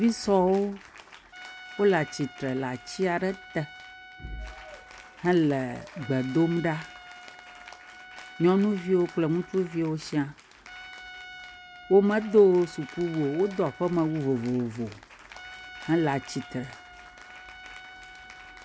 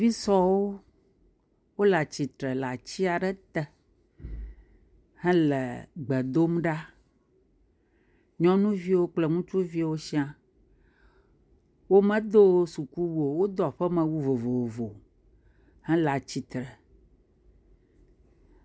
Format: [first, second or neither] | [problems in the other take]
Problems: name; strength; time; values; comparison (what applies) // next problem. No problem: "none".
second | background sound (Applause / Cheering + Trumpet); 18 dB below the speech